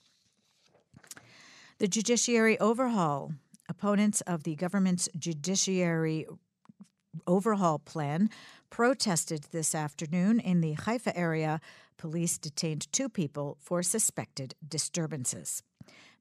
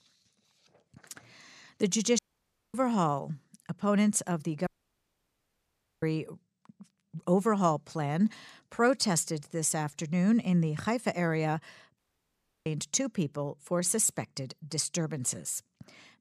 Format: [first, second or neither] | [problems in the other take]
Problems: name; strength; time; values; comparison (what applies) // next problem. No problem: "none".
first | audio cutting out; at 2 s for 0.5 s, at 4.5 s for 1.5 s and at 12 s for 0.5 s